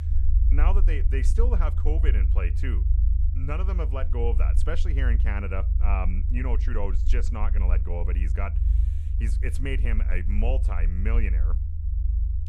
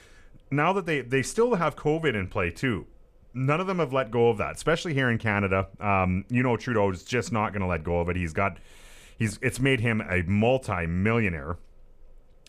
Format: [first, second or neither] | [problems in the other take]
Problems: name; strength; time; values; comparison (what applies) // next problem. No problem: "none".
second | low rumble; loud; throughout; 9 dB below the speech